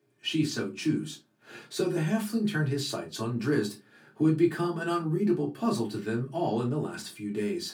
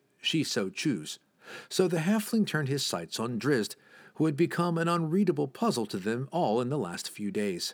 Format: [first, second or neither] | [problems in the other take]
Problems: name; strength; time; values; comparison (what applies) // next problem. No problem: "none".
second | off-mic speech; far // room echo; very slight; dies away in 0.2 s